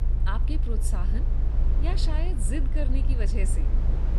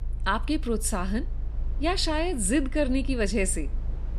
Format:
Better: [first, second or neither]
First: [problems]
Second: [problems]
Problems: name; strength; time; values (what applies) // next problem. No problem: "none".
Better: second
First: low rumble; loud; throughout; 6 dB below the speech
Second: low rumble; faint; throughout; 25 dB below the speech